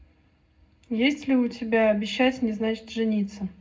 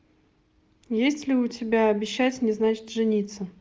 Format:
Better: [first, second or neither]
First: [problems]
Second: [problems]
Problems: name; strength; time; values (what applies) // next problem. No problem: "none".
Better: second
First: room echo; dies away in 0.3 s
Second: none